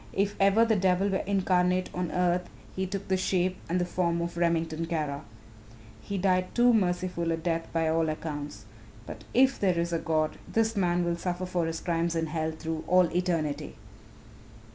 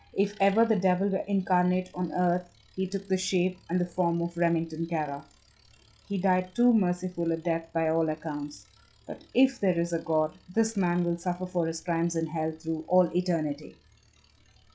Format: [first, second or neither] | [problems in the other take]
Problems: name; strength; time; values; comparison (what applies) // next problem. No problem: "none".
first | noise reduction (classical method log-MMSE)